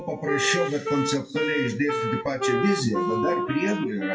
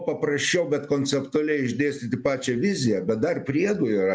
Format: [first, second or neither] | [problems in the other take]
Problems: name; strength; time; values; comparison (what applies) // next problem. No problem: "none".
second | noise reduction (classical method WPE with log-MMSE)